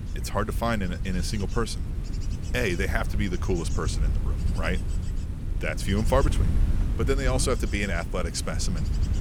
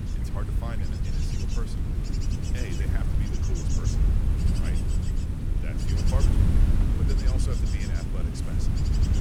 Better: first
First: wind noise on the microphone; occasional gusts; 15 dB below the speech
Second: wind noise on the microphone; heavy; 4 dB above the speech

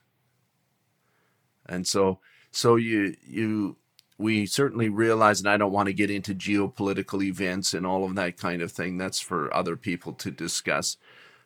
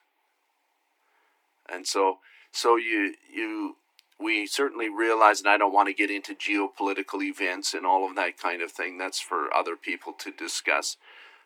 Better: first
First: none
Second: thin; somewhat; fading below 300 Hz

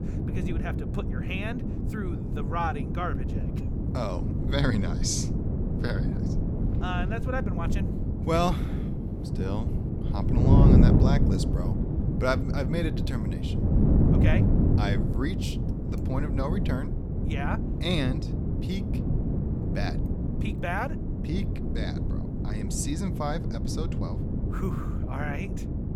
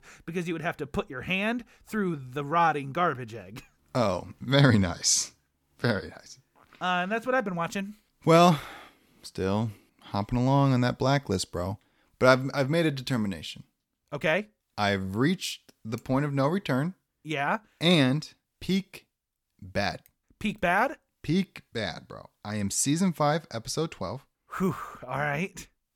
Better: second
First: wind noise on the microphone; heavy; 3 dB below the speech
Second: none

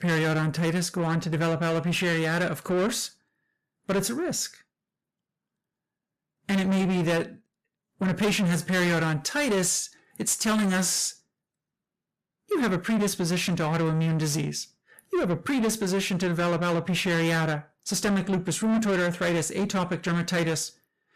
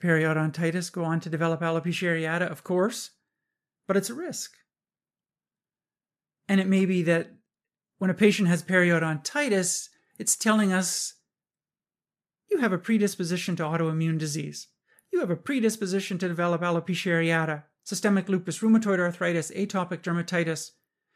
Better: second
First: distortion; heavy; 7 dB below the speech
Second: none

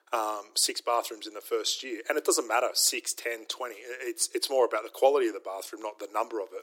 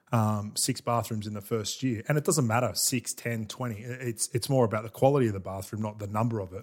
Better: second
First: thin; very; fading below 300 Hz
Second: none

